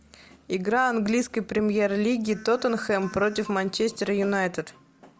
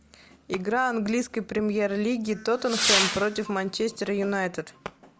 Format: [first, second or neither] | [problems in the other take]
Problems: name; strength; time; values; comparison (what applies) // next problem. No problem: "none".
first | background sound (Whoosh, swoosh, swish / Fireworks); 6 dB below the speech